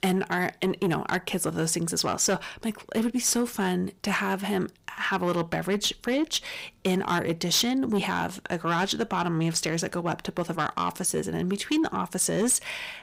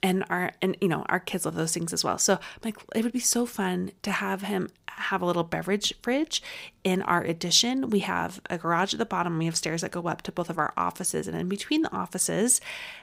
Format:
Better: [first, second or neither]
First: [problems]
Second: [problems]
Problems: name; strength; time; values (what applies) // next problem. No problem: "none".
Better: second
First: distortion; slight; 10 dB below the speech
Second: none